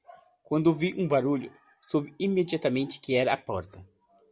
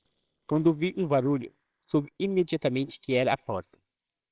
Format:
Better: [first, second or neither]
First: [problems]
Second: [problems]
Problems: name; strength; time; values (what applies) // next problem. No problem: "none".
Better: first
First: none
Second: noise reduction (neural separator model SepFormer WHAMR!)